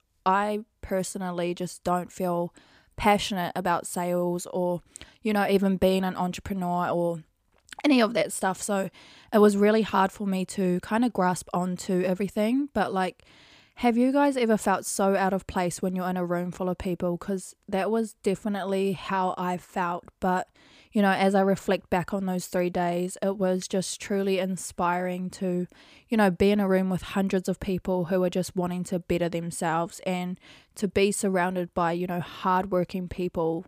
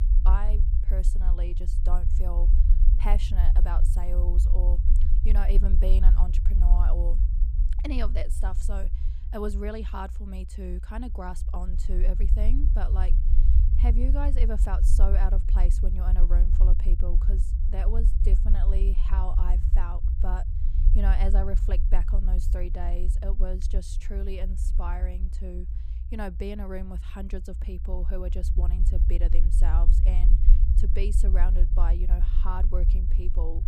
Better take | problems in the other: first | low rumble; loud; throughout; 8 dB below the speech

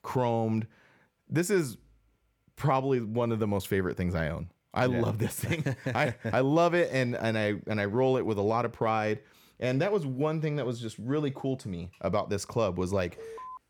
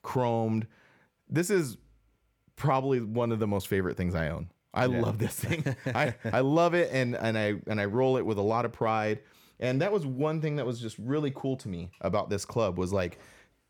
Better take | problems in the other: second | alarm; faint; at 13 s; peak 15 dB below the speech

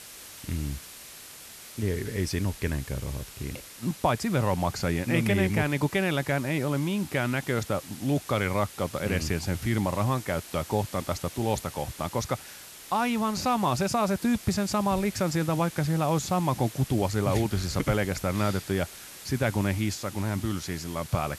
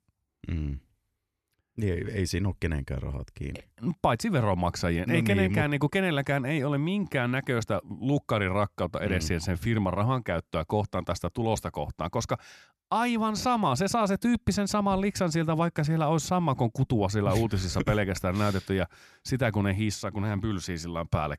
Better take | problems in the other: second | hiss; noticeable; throughout; 15 dB below the speech

